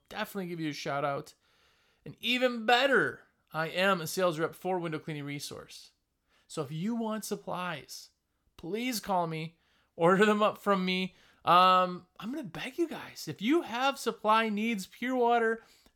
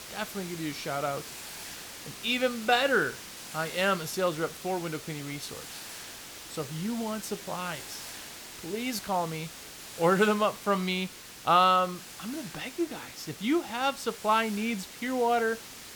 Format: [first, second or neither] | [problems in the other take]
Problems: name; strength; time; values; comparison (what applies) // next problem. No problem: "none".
first | hiss; noticeable; throughout; 10 dB below the speech